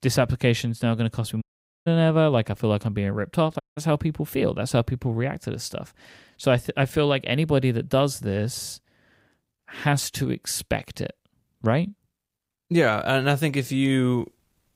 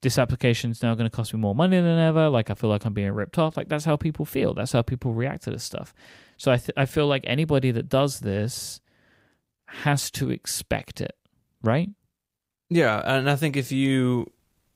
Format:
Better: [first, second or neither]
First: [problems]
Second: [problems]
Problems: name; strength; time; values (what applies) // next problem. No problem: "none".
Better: second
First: audio cutting out; at 1.5 s and at 3.5 s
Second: none